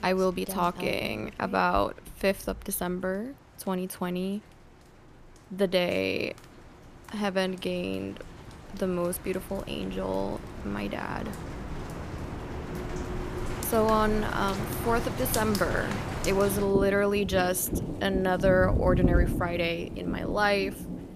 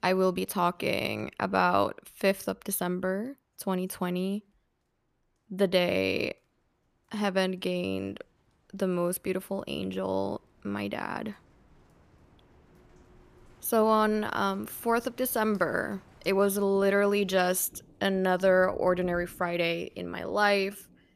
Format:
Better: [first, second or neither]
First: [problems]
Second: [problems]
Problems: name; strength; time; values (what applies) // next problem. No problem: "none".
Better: second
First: rain or running water; loud; throughout; 5 dB below the speech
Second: rain or running water; faint; throughout; 30 dB below the speech